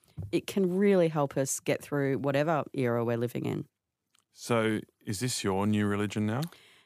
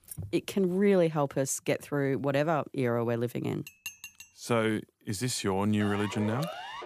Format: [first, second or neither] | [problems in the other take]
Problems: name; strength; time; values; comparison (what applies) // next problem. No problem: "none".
first | jangling keys; faint; at the start; peak 15 dB below the speech // clattering dishes; faint; at 3.5 s; peak 10 dB below the speech // siren; noticeable; from 6 s on; peak 9 dB below the speech